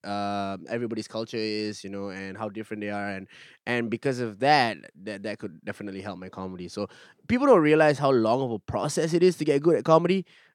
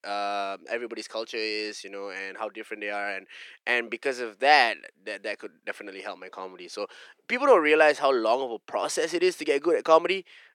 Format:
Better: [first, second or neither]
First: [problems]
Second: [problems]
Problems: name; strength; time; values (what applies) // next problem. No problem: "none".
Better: first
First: none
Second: thin; somewhat; fading below 400 Hz